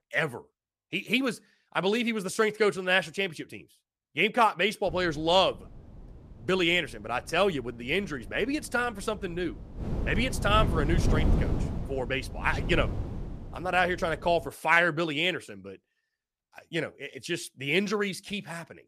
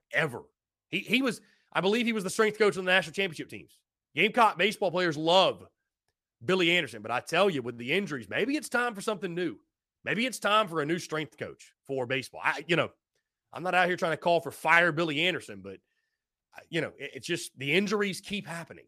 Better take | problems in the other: second | wind noise on the microphone; occasional gusts; from 5 to 14 s; 15 dB below the speech

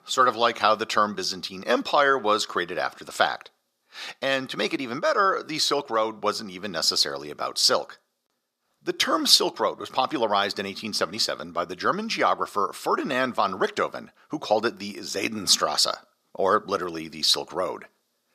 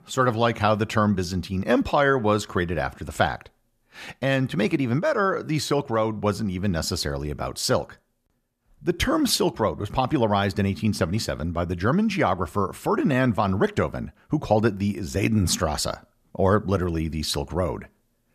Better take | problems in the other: second | thin; somewhat; fading below 400 Hz

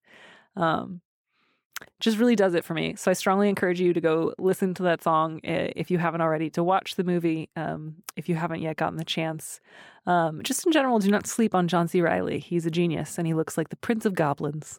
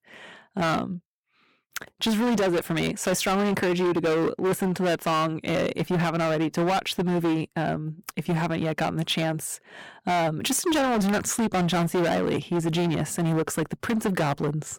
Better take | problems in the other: first | distortion; heavy; 21% of the sound clipped

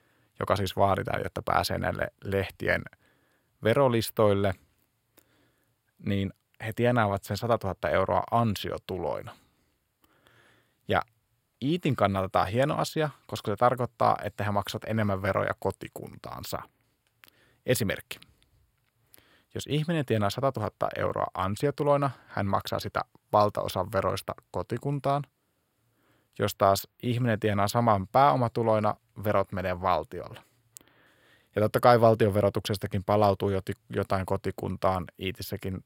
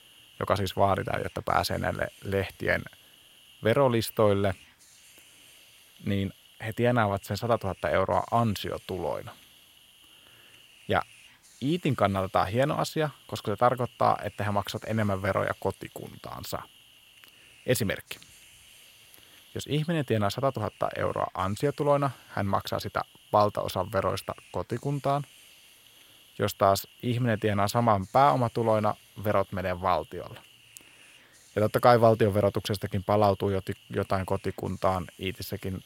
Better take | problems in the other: first | hiss; faint; throughout; 25 dB below the speech

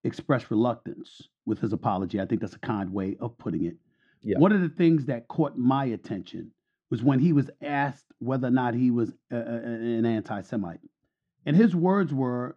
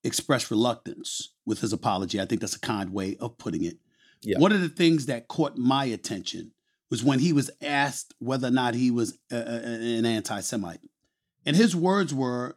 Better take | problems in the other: second | muffled; very; fading above 1.5 kHz

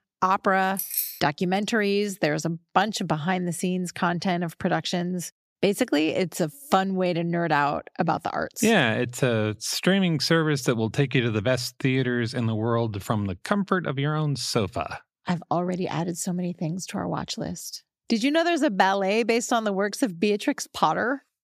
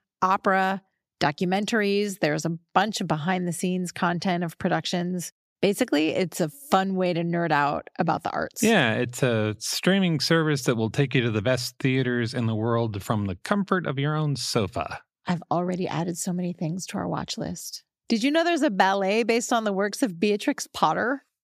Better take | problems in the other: second | jangling keys; noticeable; at 1 s; peak 2 dB below the speech

